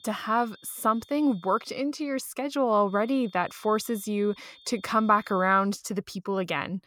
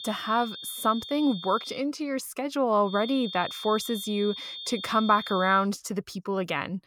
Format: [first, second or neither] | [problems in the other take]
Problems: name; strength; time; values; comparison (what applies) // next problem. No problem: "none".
first | high-pitched whine; loud; until 2 s and from 3 to 5.5 s; 3.5 kHz, 10 dB below the speech; faint in the first